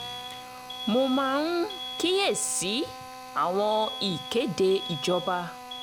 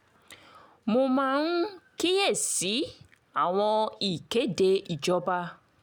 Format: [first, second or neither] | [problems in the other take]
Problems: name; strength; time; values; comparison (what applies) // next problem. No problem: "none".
second | background sound (Drill + Alarm); 10 dB below the speech